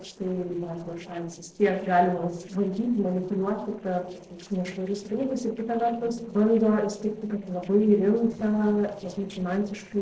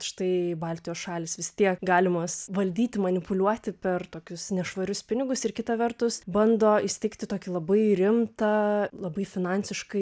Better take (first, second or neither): second